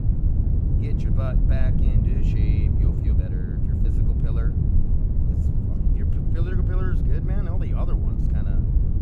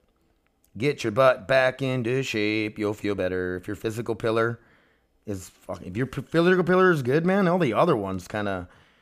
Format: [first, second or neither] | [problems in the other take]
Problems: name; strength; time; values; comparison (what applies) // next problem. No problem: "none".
second | wind noise on the microphone; heavy; 4 dB above the speech